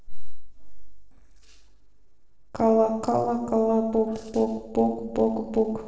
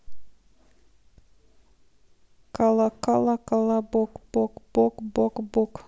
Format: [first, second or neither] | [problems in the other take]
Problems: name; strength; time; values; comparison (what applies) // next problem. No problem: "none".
second | noise reduction (neural separator model SepFormer DNS4)